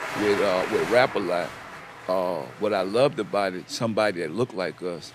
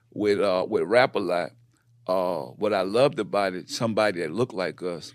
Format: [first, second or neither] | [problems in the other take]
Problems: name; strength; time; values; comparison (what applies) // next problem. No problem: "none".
second | crowd noise; loud; throughout; 9 dB below the speech